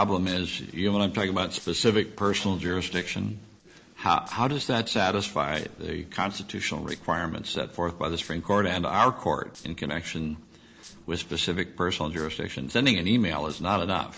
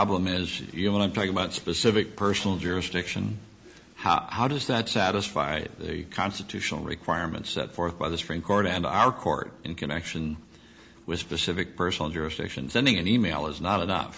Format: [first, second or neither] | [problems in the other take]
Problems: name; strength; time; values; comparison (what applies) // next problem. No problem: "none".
second | noise reduction (neural separator model SepFormer DNS4)